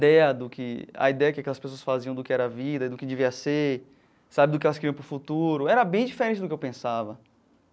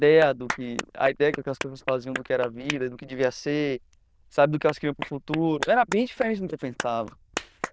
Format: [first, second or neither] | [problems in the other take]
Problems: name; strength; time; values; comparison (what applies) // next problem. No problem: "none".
first | noise reduction (neural diffusion model UNIVERSE++)